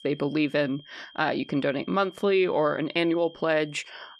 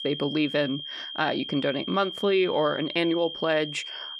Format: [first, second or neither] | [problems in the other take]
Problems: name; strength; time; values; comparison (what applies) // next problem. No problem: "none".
first | high-pitched whine; loud; throughout; 3 kHz, 8 dB below the speech; faint in the first